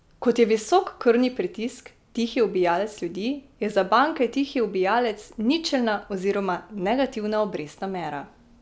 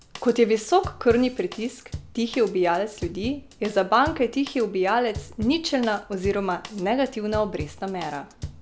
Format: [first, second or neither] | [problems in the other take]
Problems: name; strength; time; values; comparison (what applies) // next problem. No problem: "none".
first | background sound (Drum kit); 15 dB below the speech